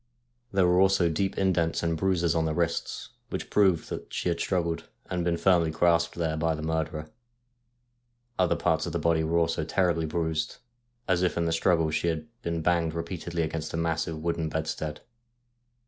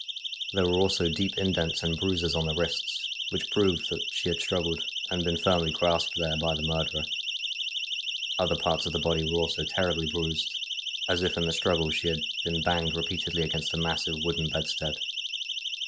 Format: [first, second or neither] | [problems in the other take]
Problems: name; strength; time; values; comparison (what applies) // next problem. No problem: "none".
first | noise reduction (classical method log-MMSE)